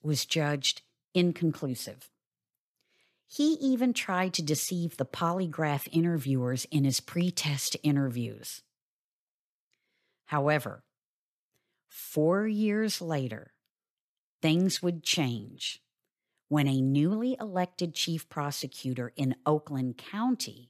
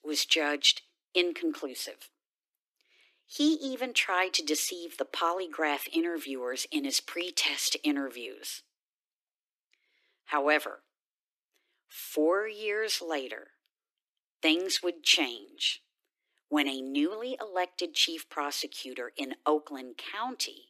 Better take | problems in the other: first | thin; somewhat; fading below 300 Hz

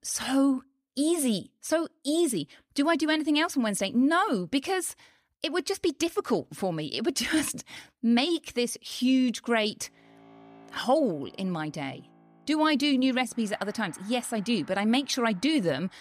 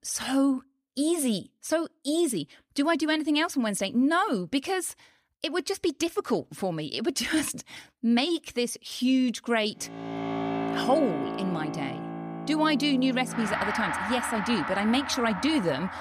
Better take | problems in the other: first | background music; loud; from 10 s on; 5 dB below the speech; faint in the first

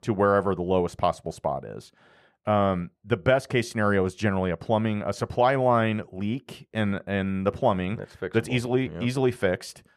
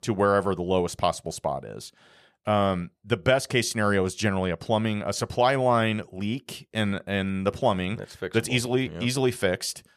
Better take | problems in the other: second | muffled; slightly; fading above 3 kHz

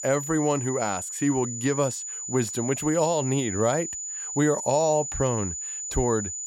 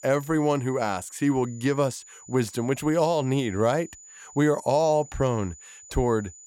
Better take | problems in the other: second | high-pitched whine; loud; throughout; 7 kHz, 5 dB below the speech; faint in the second

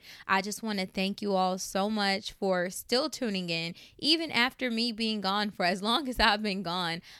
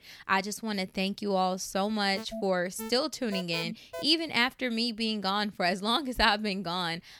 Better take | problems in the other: first | alarm; faint; from 2 to 4 s; peak 10 dB below the speech

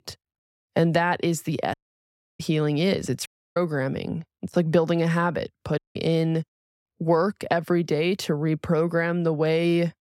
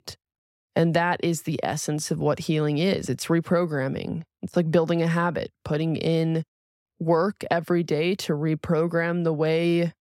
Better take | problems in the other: second | audio cutting out; at 1.5 s for 0.5 s, at 3.5 s and at 6 s

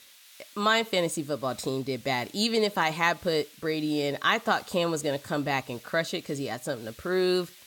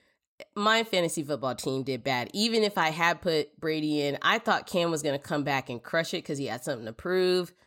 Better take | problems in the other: second | hiss; faint; throughout; 20 dB below the speech

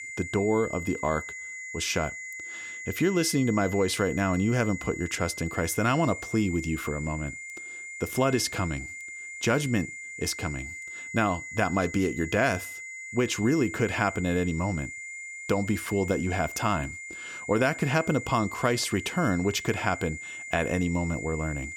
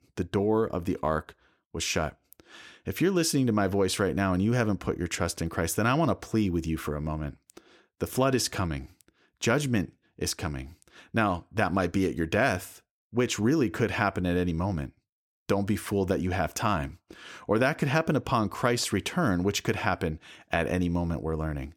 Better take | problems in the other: second | high-pitched whine; loud; throughout; 2 kHz, 9 dB below the speech

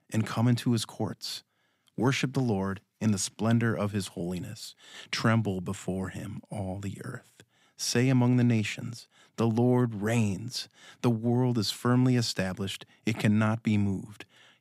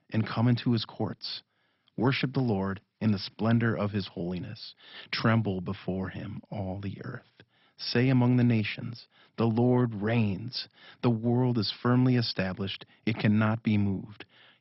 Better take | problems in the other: first | garbled, watery; badly; nothing above 5.5 kHz

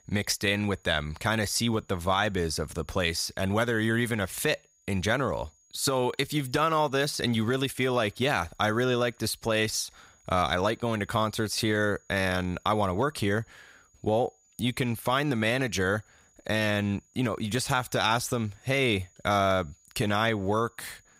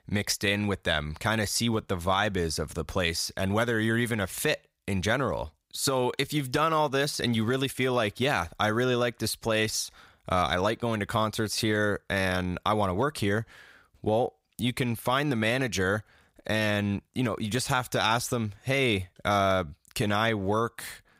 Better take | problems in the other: second | high-pitched whine; faint; throughout; 7 kHz, 35 dB below the speech

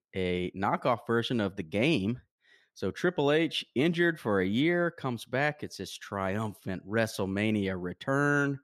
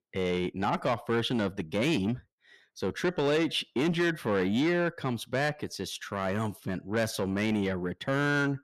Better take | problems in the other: first | distortion; slight; 10 dB below the speech

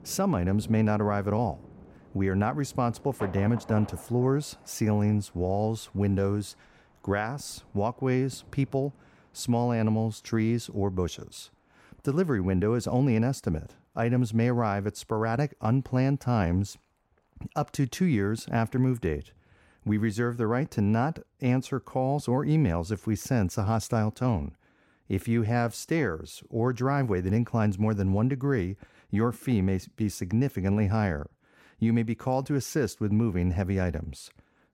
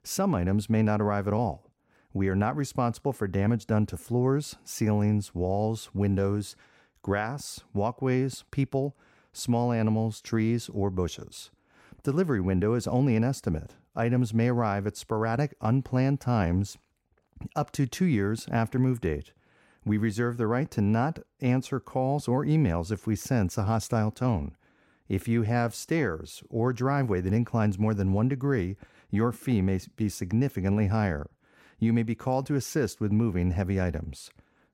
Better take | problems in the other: second | rain or running water; faint; throughout; 20 dB below the speech

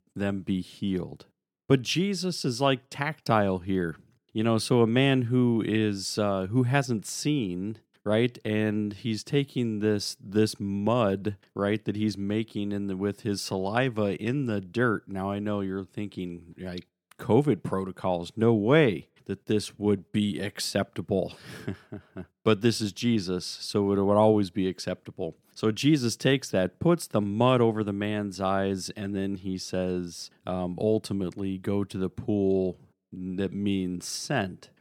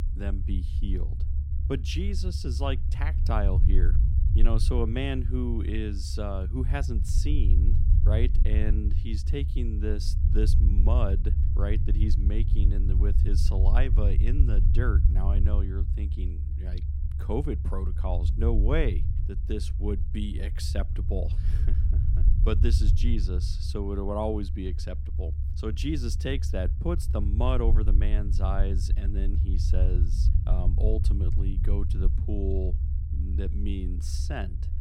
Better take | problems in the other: first | low rumble; loud; throughout; 8 dB below the speech

